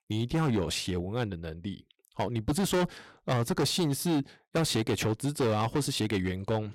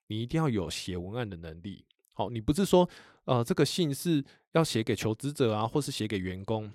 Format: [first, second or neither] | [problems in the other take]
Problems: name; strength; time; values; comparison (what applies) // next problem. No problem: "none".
second | distortion; heavy; 12% of the sound clipped